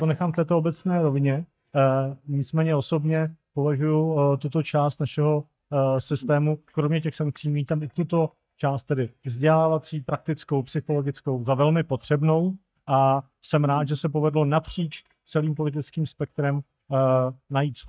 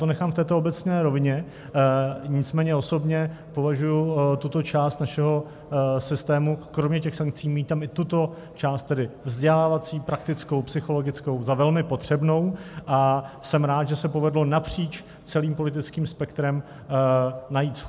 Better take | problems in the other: second | noise reduction (neural mask model DeepFilterNet 3)

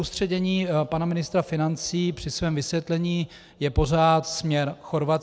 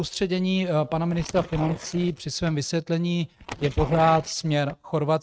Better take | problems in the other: first | noise reduction (neural mask model RNNoise)

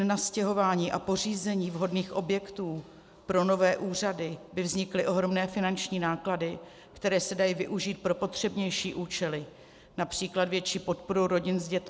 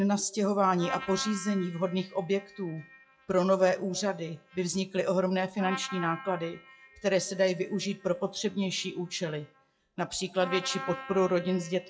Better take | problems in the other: first | noise reduction (classical method WPE with log-MMSE)

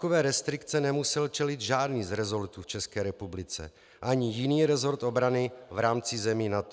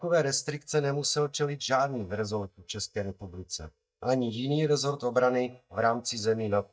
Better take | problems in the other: first | noise reduction (neural mask model DeepFilterNet 3)

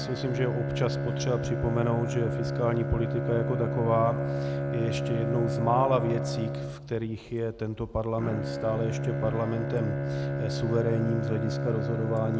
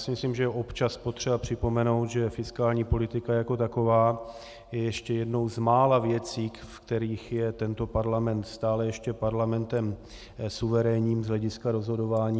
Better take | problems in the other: second | background sound (Bowed string instrument); 1 dB below the speech

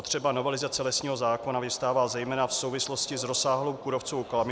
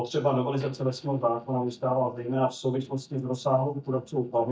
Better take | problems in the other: first | noise reduction (neural mask model DeepFilterNet 3)

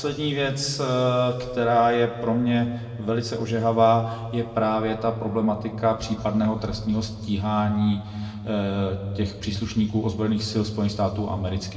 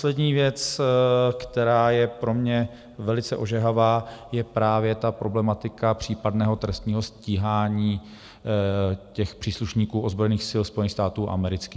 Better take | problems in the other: second | room echo; dies away in 1.7 s

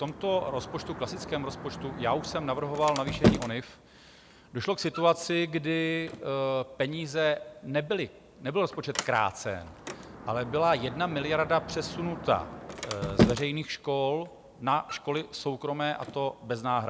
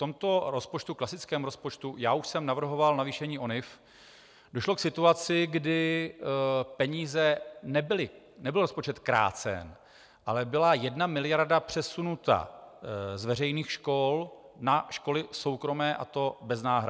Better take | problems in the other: second | background sound (Sliding door); 5 dB below the speech

